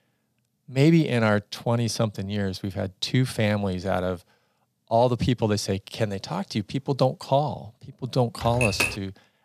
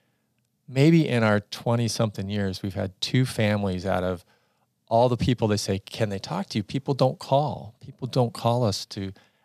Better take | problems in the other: second | keyboard typing; loud; at 8.5 s; peak 1 dB above the speech

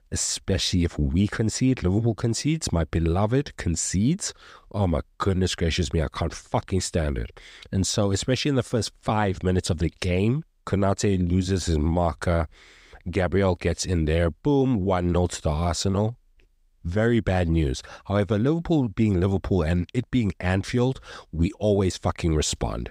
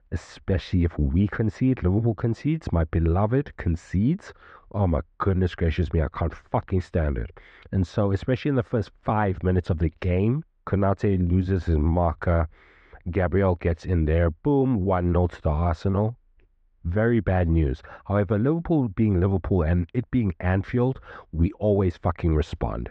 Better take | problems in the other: first | muffled; very; fading above 1.5 kHz

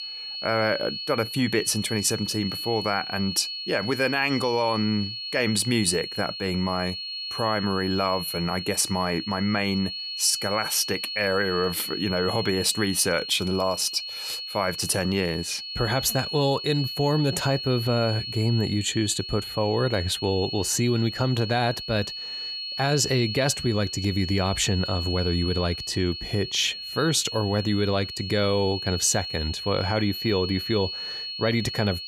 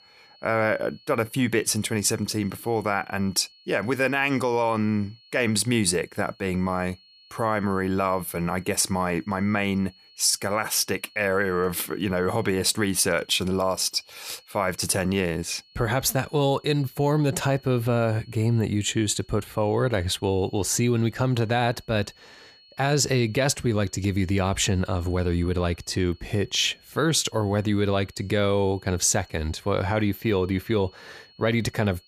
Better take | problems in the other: second | high-pitched whine; loud; throughout; 4.5 kHz, 6 dB below the speech; faint in the second

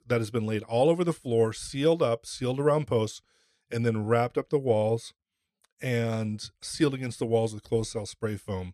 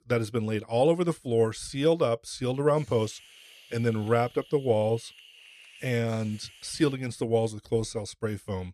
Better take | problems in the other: first | hiss; faint; from 2.5 to 7 s; 25 dB below the speech

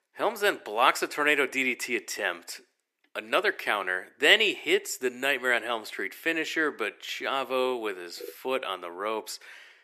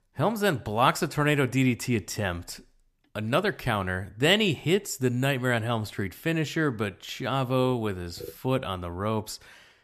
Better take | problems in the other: second | thin; very; fading below 350 Hz

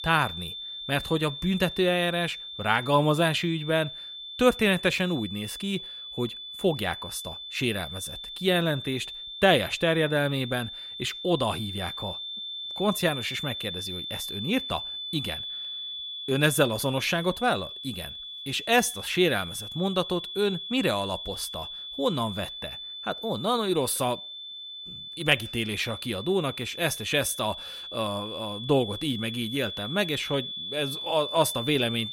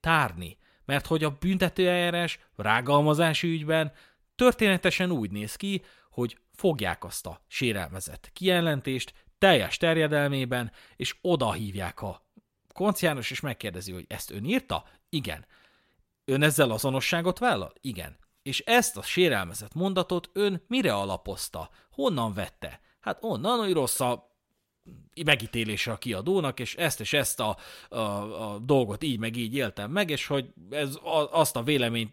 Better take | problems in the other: second | high-pitched whine; loud; throughout; 3.5 kHz, 8 dB below the speech

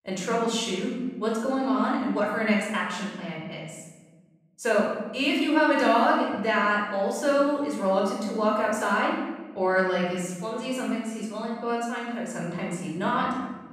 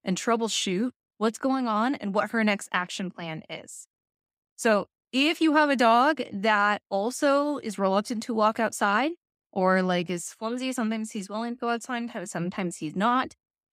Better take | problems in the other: second | room echo; noticeable; dies away in 1.1 s // off-mic speech; far

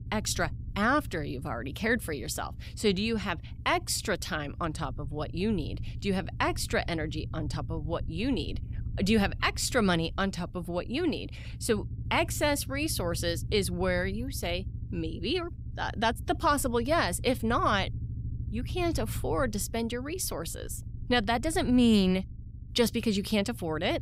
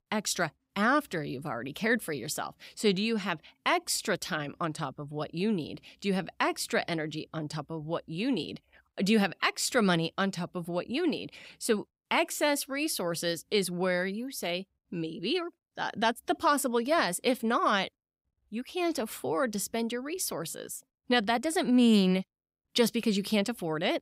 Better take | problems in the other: second | low rumble; faint; throughout; 25 dB below the speech

